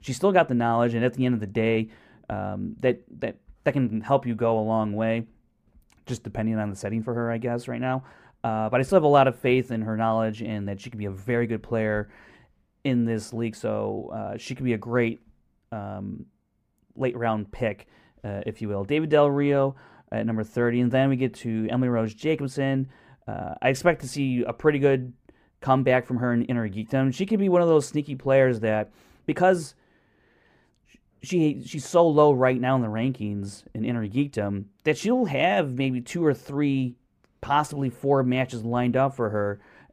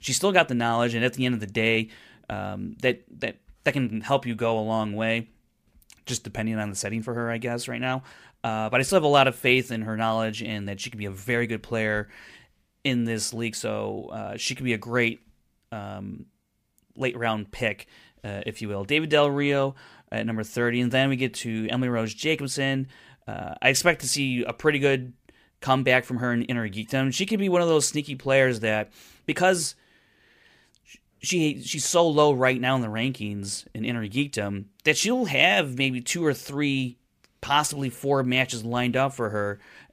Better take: second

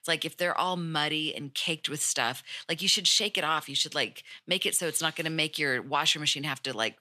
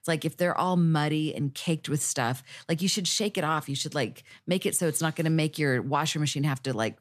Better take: second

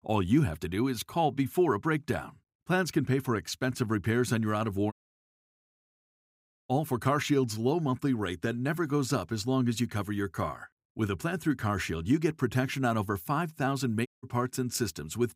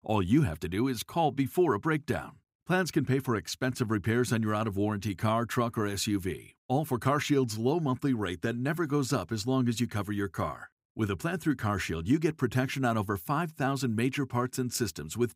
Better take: second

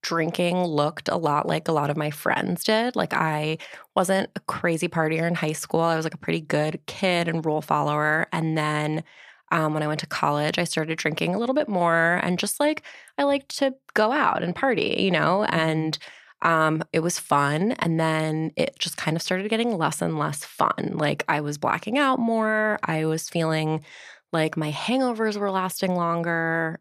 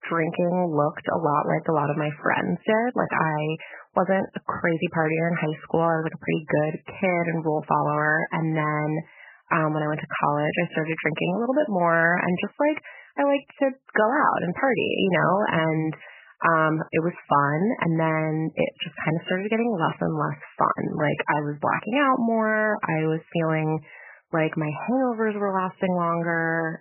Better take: first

